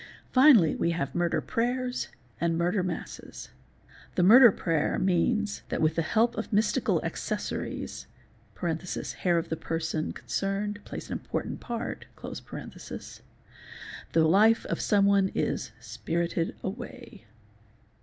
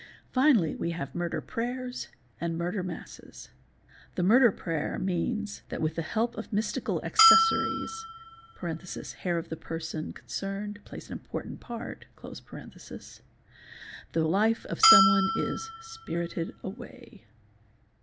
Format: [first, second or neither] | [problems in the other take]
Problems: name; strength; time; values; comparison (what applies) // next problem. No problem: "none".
first | background sound (Bell); 4 dB above the speech